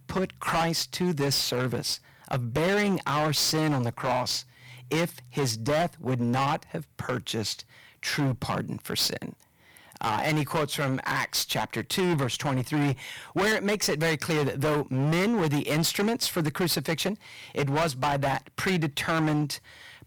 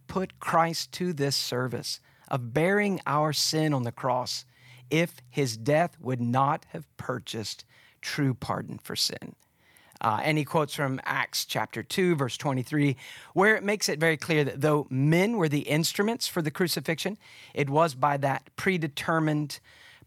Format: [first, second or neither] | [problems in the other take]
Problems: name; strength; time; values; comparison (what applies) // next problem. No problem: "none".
second | distortion; heavy; 18% of the sound clipped